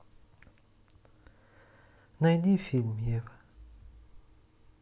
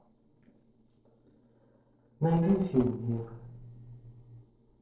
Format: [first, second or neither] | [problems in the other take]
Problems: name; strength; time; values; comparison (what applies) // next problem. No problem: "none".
first | noise reduction (neural separator model SepFormer DNS4)